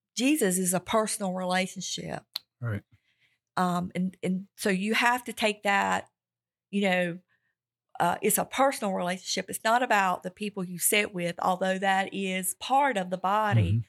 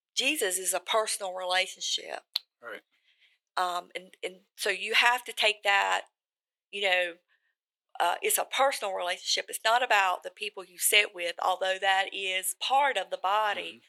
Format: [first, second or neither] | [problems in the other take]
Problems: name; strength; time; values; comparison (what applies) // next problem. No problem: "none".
first | thin; very; fading below 400 Hz